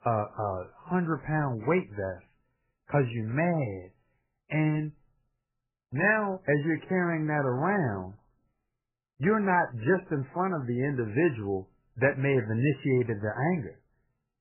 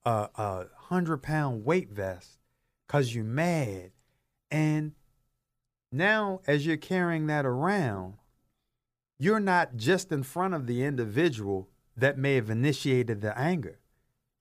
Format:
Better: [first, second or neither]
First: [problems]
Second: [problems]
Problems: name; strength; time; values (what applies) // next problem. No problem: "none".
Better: second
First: garbled, watery; badly; nothing above 3 kHz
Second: none